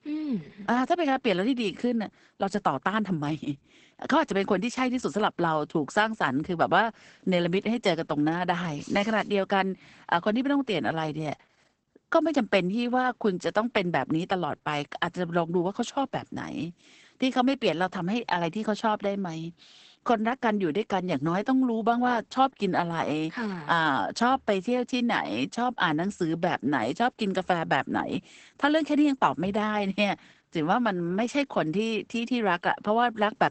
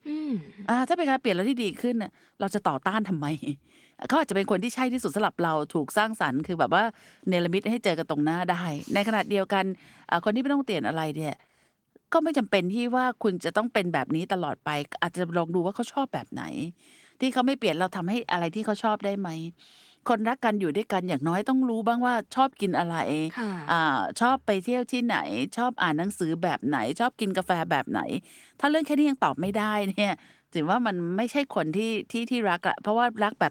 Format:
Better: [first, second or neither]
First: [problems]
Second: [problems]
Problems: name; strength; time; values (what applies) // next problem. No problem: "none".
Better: second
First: garbled, watery; badly; nothing above 8 kHz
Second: garbled, watery; slightly; nothing above 18.5 kHz